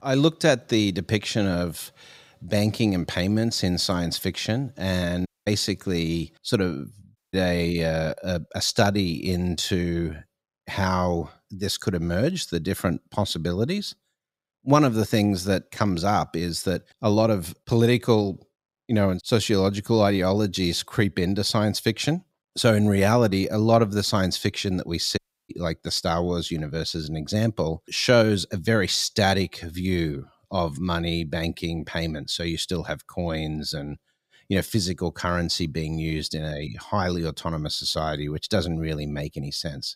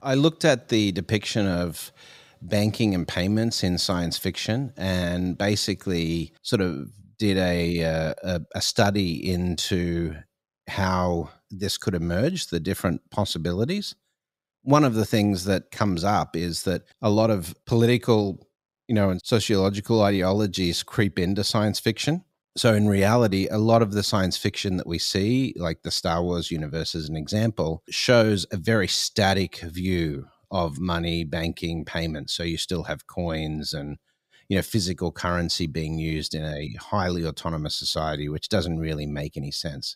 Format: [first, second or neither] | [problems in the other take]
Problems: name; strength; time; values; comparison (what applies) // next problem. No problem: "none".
second | audio cutting out; at 5.5 s, at 7 s and at 25 s